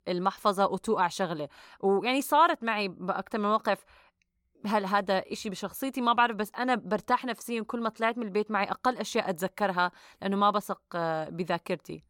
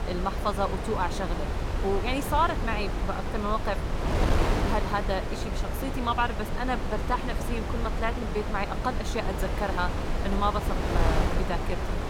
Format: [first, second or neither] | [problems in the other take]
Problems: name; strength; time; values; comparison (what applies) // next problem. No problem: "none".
first | wind noise on the microphone; heavy; 4 dB below the speech